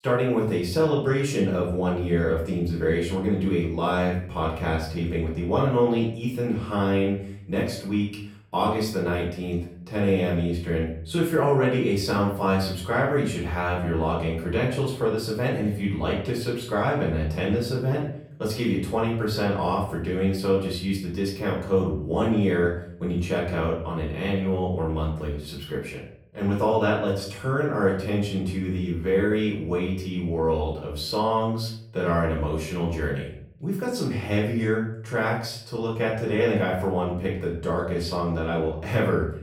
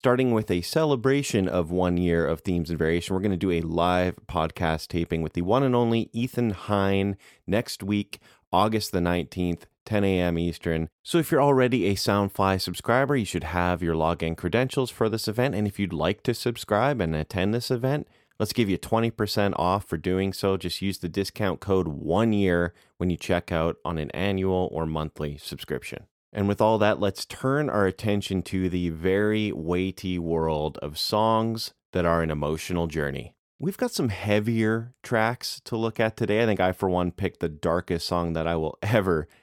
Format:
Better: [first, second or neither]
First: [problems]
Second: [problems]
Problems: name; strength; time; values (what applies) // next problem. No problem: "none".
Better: second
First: off-mic speech; far // room echo; noticeable; dies away in 0.6 s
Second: none